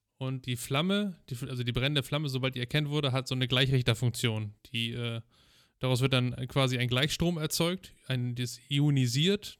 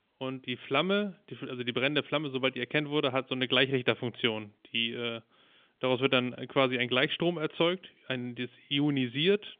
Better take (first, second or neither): first